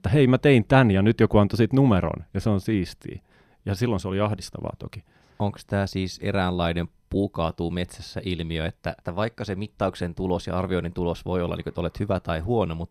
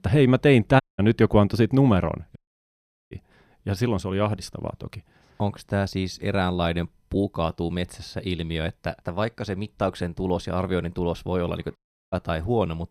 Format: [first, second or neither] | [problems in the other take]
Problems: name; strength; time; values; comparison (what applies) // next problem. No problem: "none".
first | audio cutting out; at 1 s, at 2.5 s for 1 s and at 12 s